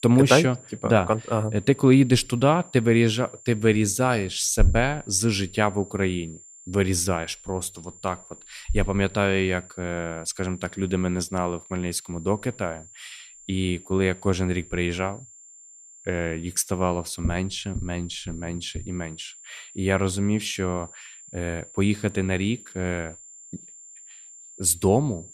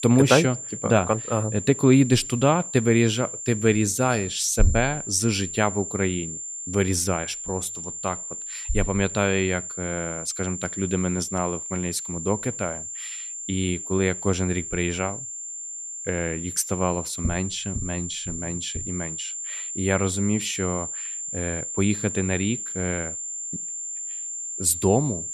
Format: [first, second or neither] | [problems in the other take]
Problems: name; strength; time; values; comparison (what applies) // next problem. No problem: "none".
first | high-pitched whine; loud; throughout; 7.5 kHz, 6 dB below the speech; faint in the first